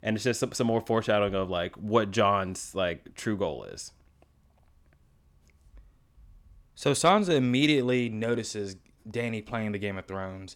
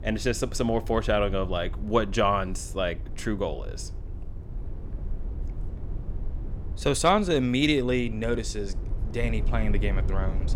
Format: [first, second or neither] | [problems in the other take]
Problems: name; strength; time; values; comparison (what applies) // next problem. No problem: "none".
first | low rumble; faint; throughout; 20 dB below the speech